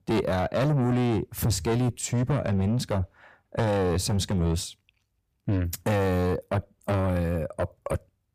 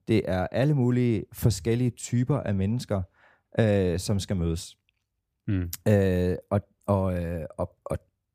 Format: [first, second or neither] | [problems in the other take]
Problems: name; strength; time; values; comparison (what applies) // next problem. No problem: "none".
second | distortion; heavy; 6 dB below the speech